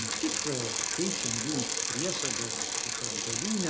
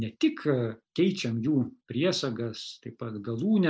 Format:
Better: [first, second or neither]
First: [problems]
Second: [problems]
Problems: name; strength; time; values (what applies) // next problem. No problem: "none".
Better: second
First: background sound (Bicycle); 4 dB above the speech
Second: none